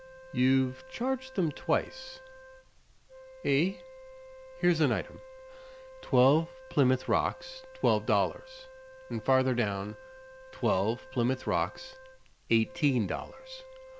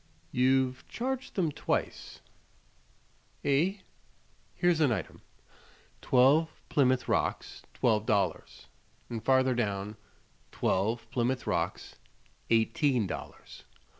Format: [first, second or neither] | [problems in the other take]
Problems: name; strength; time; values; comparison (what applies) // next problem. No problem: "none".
second | background sound (Wind instrument, woodwind instrument); 19 dB below the speech